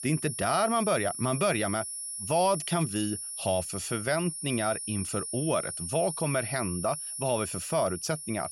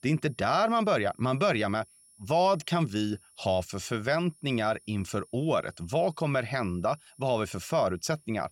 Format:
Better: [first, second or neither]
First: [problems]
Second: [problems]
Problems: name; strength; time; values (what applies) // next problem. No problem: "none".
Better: second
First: high-pitched whine; loud; throughout; 9.5 kHz, 5 dB below the speech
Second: high-pitched whine; faint; throughout; 9.5 kHz, 30 dB below the speech